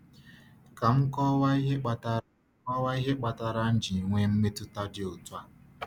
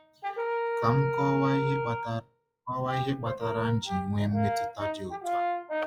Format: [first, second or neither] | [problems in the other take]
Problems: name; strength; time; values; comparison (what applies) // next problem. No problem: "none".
first | noise reduction (classical method log-MMSE)